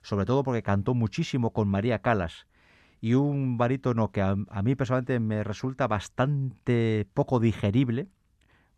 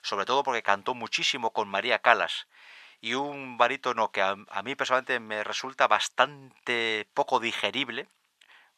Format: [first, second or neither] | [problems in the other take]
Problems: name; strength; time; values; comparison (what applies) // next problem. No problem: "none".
first | thin; very; fading below 850 Hz